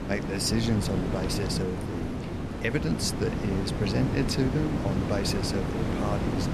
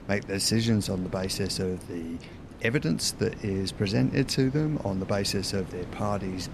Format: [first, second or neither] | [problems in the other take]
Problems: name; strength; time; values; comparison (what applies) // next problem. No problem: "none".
second | wind noise on the microphone; heavy; 2 dB below the speech; occasional gusts in the second